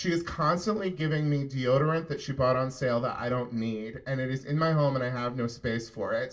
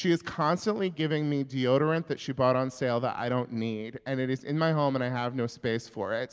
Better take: second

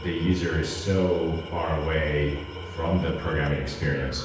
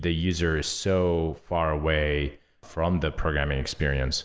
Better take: second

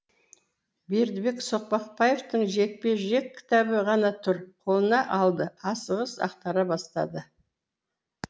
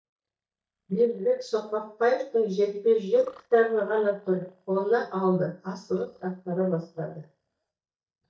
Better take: first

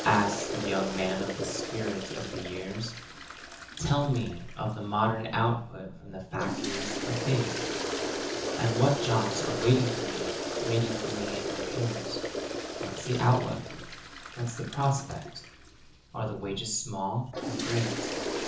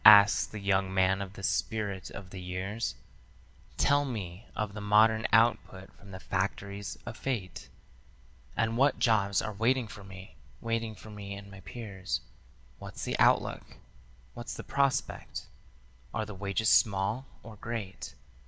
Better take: second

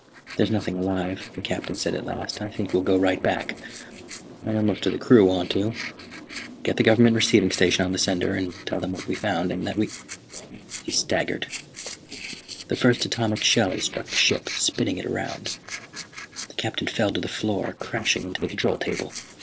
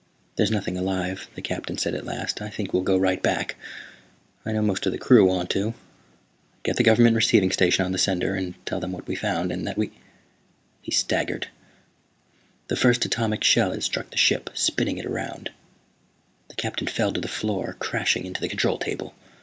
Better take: second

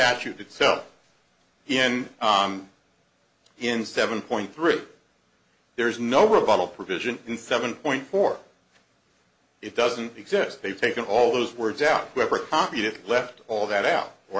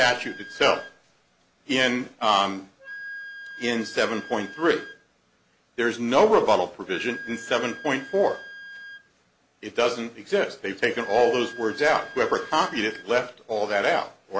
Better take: first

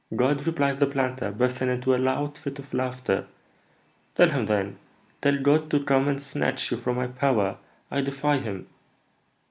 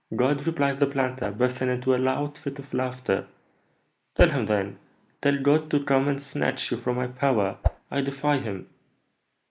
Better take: first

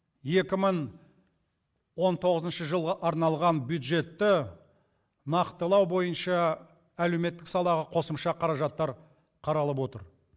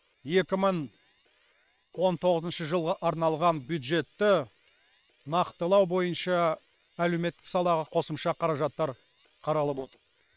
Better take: first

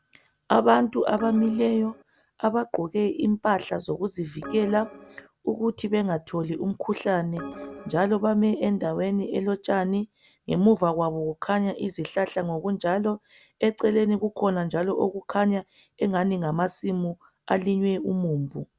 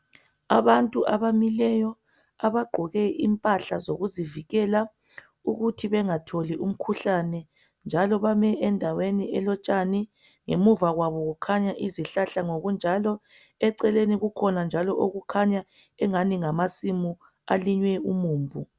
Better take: second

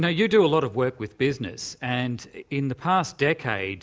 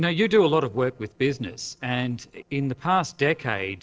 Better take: first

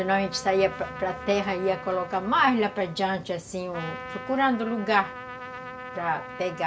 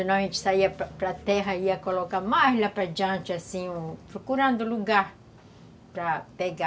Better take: second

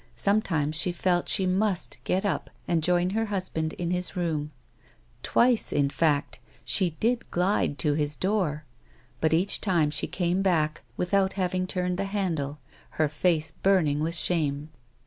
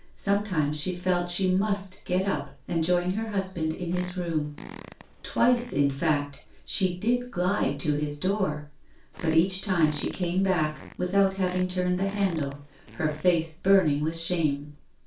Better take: first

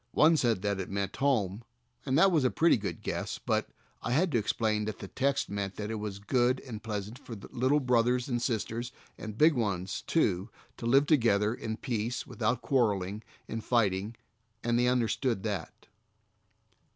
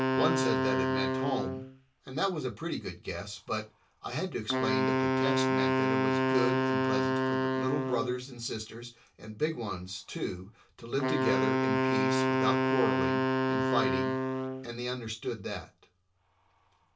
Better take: first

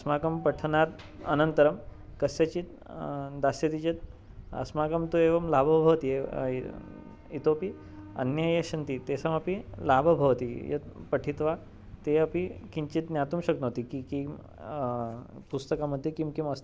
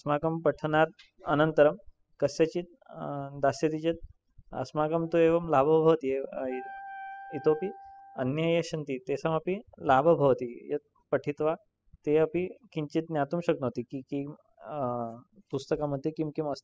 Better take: first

